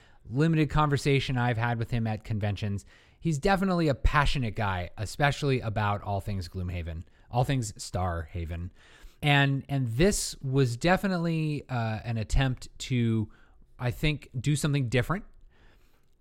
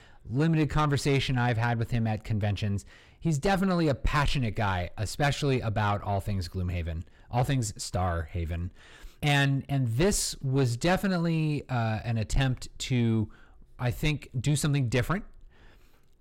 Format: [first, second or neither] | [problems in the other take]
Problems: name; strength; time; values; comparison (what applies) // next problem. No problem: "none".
first | distortion; slight; 10 dB below the speech